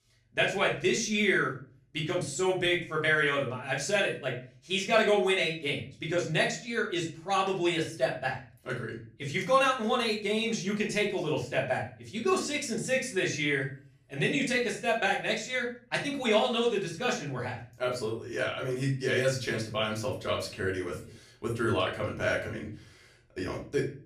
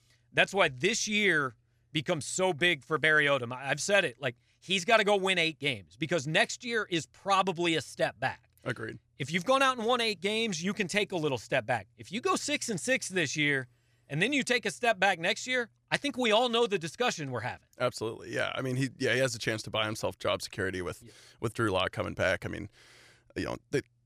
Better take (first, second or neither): second